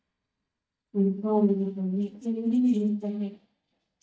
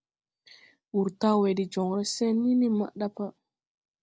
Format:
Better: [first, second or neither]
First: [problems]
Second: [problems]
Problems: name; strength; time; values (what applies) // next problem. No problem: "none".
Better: second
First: noise reduction (neural mask model DeepFilterNet 3)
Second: none